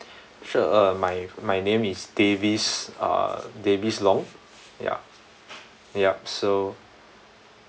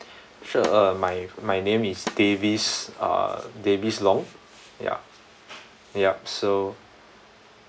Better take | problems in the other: first | background sound (Snare drum); 14 dB below the speech

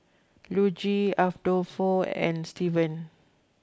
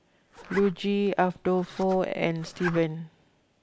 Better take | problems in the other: first | background sound (Zipper (clothing)); 14 dB below the speech

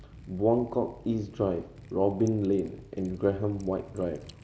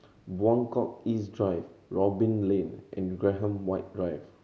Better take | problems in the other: second | background sound (Liquid); 19 dB below the speech

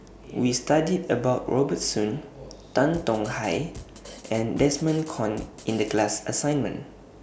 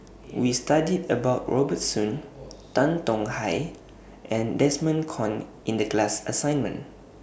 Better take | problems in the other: second | background sound (Drum kit); 18 dB below the speech

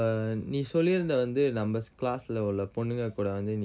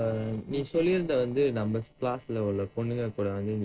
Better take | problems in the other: first | noise reduction (neural separator model SepFormer DNS4)

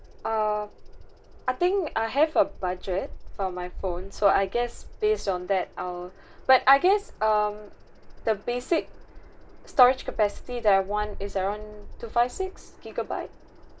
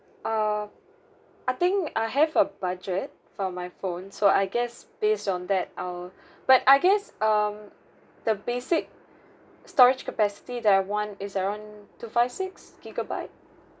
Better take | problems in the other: second | background sound (Bird vocalization, bird call, bird song); 12 dB below the speech

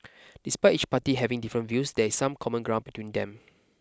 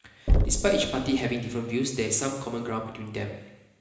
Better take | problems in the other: first | background sound (Knock); 1 dB below the speech // room echo; dies away in 1 s

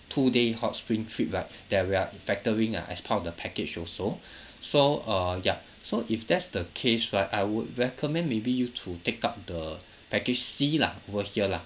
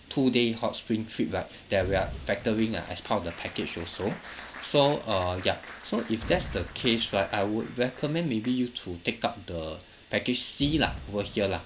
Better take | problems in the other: first | background sound (Boom + Applause); 15 dB below the speech

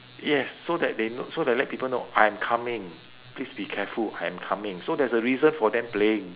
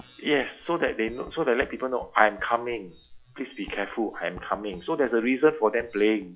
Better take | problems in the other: first | noise reduction (classical method log-MMSE)

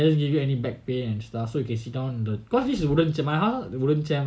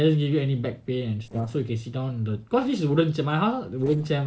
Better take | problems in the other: first | noise reduction (neural separator model SepFormer DNS4)

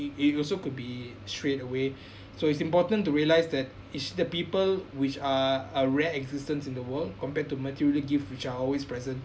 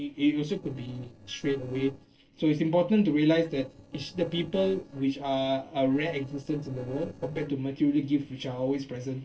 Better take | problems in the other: first | noise reduction (neural separator model SepFormer DNS4)

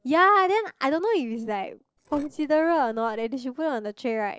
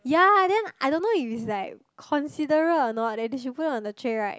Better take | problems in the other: second | noise reduction (neural separator model SepFormer DNS4)

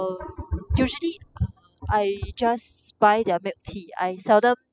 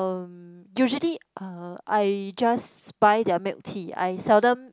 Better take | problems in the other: second | noise reduction (classical method spectral subtraction)

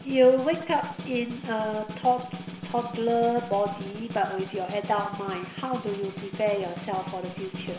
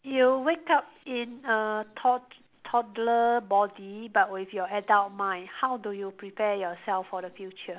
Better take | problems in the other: second | background sound (Snare drum); 11 dB below the speech // room echo; dies away in 2.1 s

